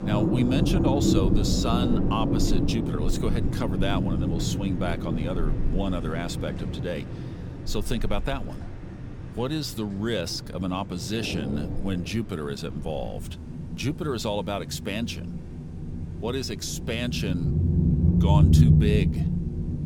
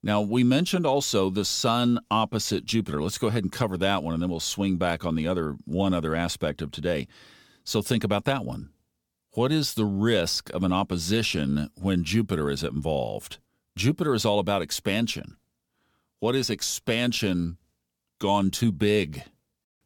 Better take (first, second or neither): second